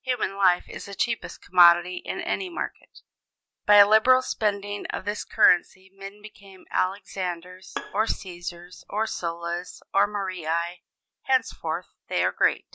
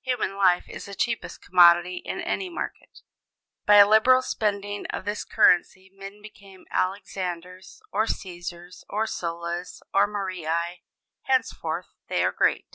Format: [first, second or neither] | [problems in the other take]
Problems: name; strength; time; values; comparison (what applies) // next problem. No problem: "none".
second | background sound (Bowed string instrument); 15 dB below the speech